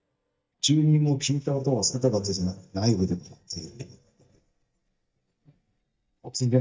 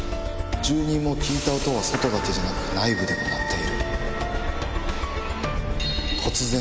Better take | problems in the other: second | noise reduction (neural mask model DeepFilterNet 3)

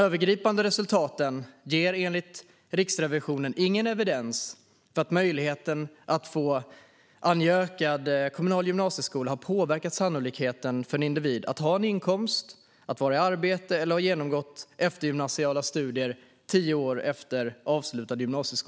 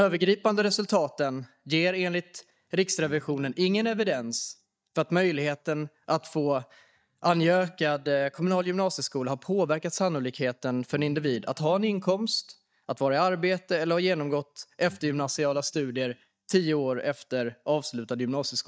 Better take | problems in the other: first | noise reduction (neural mask model DeepFilterNet 3)

